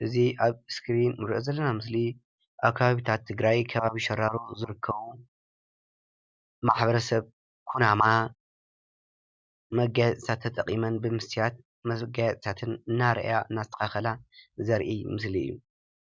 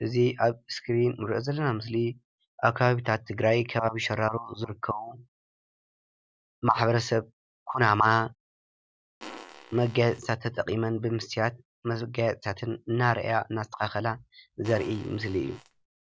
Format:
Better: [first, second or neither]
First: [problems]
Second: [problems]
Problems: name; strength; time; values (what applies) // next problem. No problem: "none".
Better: first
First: none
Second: background sound (Fart); 18 dB below the speech